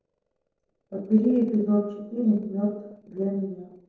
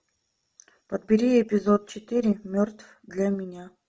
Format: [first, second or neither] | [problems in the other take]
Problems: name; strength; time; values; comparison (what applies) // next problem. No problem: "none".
second | noise reduction (neural separator model SepFormer DNS4)